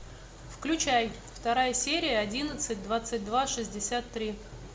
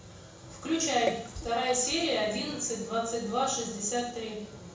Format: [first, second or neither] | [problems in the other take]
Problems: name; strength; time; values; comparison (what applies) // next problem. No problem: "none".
first | background sound (Water / Splash, splatter); 12 dB below the speech // room echo; dies away in 0.6 s